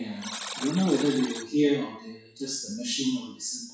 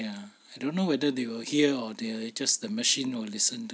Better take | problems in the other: second | noise reduction (classical method WPE with log-MMSE)

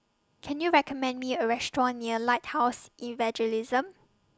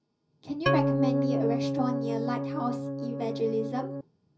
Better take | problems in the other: first | background sound (Organ); 4 dB above the speech // room echo; dies away in 0.5 s

